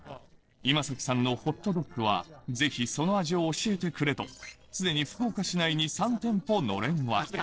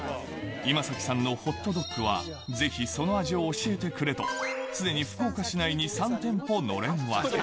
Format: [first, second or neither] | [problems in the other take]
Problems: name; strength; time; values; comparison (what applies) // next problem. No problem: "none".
second | noise reduction (neural separator model SepFormer DNS4)